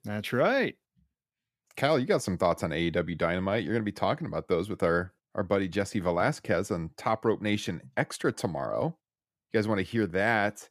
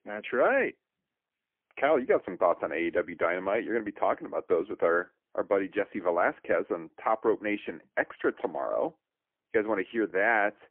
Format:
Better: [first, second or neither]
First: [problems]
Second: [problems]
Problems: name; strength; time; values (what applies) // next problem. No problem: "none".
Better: first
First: none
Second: phone-call audio; poor line; nothing above 3.5 kHz